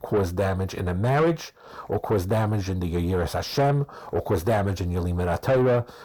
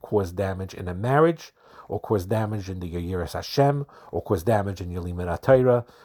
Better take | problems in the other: second | distortion; heavy; 7 dB below the speech

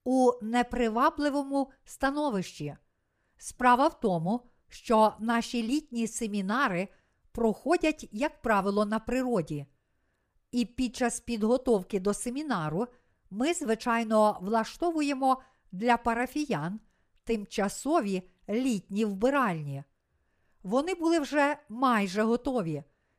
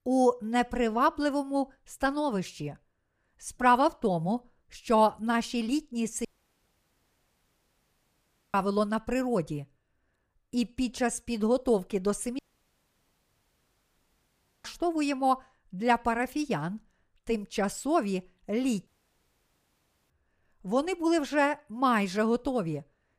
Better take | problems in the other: first | audio cutting out; at 6.5 s for 2.5 s, at 12 s for 2.5 s and at 19 s for 1 s

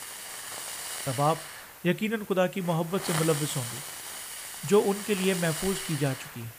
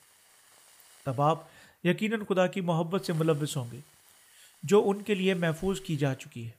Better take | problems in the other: second | hiss; loud; throughout; 7 dB below the speech; faint in the second

